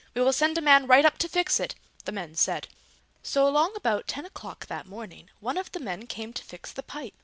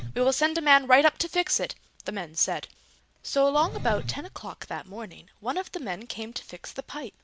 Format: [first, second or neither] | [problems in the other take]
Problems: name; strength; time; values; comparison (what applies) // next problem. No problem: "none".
first | background sound (Engine); 15 dB below the speech